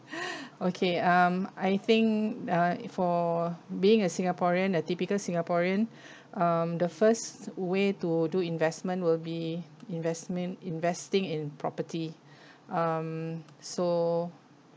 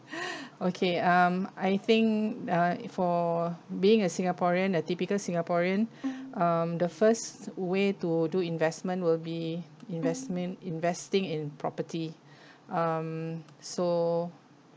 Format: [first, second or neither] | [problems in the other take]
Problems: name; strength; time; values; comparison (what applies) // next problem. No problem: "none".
first | background sound (Bowed string instrument); 14 dB below the speech